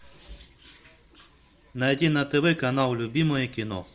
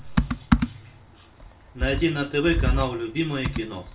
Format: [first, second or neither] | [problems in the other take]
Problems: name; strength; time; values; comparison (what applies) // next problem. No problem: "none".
first | background sound (Computer keyboard); 1 dB above the speech // room echo; dies away in 0.2 s